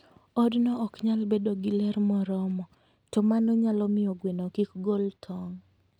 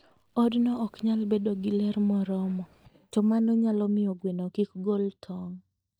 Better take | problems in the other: first | noise reduction (neural mask model DeepFilterNet 3)

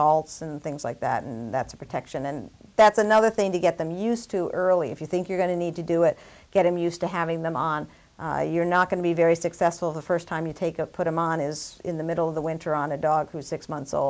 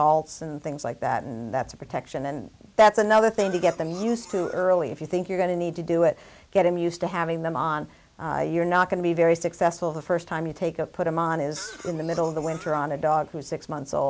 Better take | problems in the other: first | background sound (Cough); 20 dB below the speech

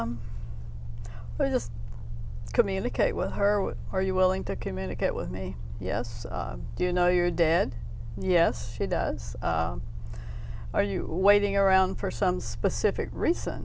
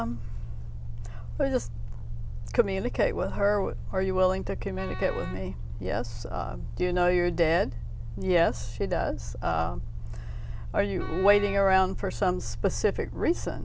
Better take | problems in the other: first | background sound (Wind instrument, woodwind instrument); 17 dB below the speech

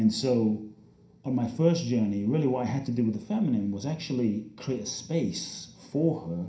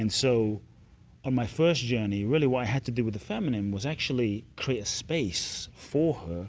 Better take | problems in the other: second | room echo; dies away in 0.5 s

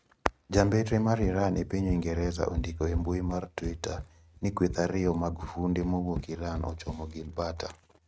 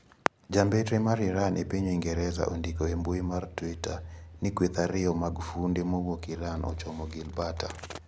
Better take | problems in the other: second | noise reduction (neural mask model RNNoise)

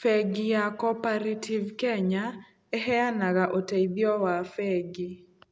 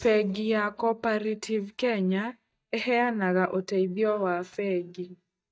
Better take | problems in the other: first | noise reduction (neural mask model DeepFilterNet 3)

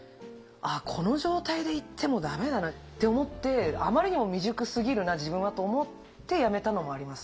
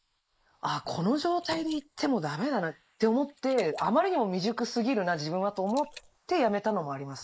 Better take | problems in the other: first | noise reduction (neural mask model Resemble Enhance denoiser)

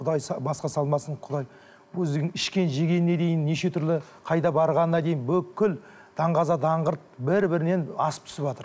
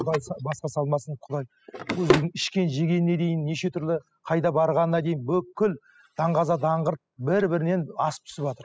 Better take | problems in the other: first | noise reduction (classical method spectral subtraction)

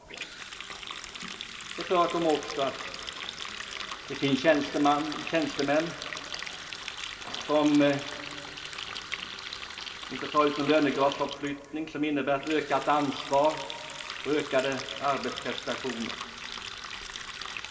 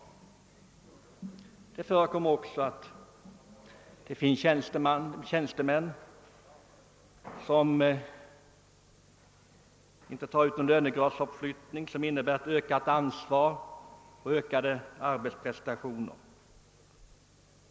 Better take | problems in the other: second | background sound (Water tap, faucet); 9 dB below the speech // room echo; dies away in 2.6 s

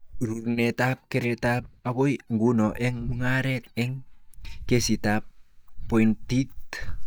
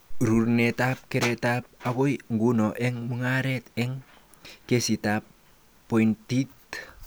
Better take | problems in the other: second | noise reduction (neural mask model DeepFilterNet 3)

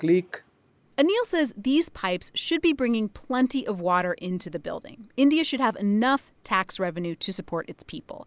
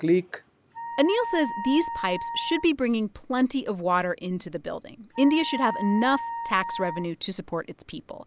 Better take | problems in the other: first | background sound (Wind instrument, woodwind instrument); 9 dB below the speech

